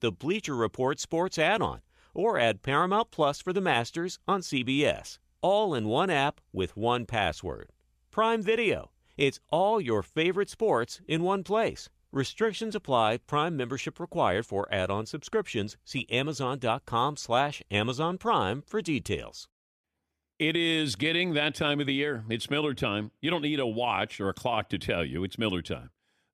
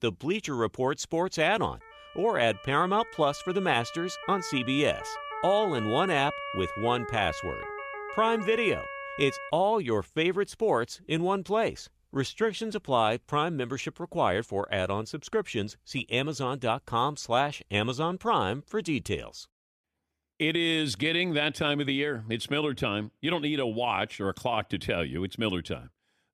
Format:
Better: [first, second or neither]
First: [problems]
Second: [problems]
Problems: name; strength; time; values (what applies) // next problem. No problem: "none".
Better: first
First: none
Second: siren; noticeable; from 2 to 9.5 s; peak 7 dB below the speech